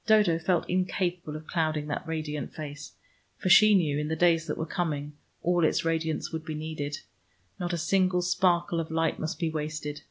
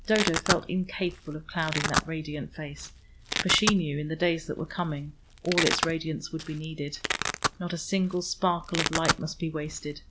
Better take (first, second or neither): first